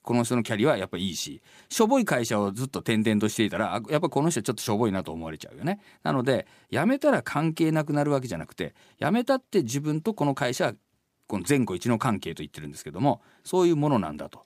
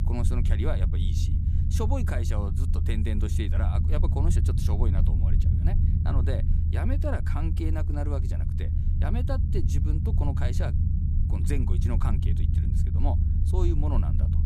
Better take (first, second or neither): first